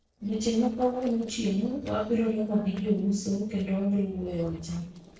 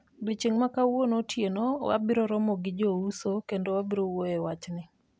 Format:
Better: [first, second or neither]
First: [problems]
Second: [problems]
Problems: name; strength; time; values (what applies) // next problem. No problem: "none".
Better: second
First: noise reduction (neural separator model SepFormer DNS4)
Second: none